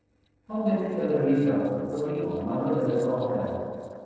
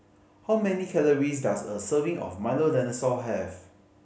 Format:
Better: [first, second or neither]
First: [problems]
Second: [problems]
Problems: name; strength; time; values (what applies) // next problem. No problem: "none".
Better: second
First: noise reduction (neural separator model SepFormer DNS4)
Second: none